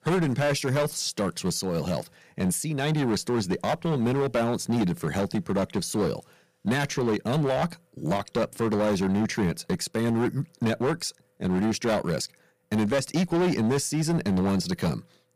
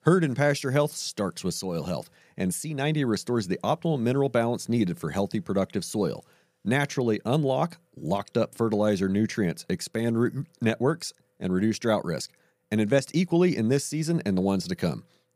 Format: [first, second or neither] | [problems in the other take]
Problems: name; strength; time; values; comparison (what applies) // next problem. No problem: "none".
second | distortion; heavy; 13% of the sound clipped